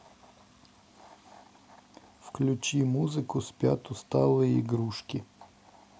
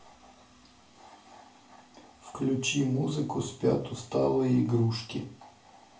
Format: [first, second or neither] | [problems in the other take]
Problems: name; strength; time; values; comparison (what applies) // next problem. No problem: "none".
first | room echo; dies away in 0.4 s